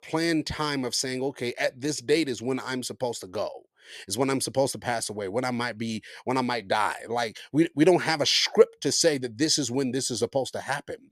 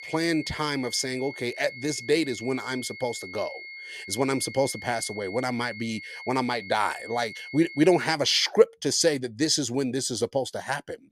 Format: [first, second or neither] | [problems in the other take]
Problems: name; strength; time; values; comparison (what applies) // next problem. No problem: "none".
first | high-pitched whine; noticeable; until 8 s; 2 kHz, 15 dB below the speech